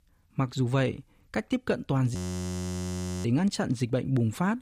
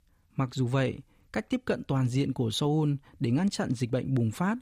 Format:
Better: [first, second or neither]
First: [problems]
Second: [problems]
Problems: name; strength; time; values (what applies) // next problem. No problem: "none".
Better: second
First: audio freezing; at 2 s for 1 s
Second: none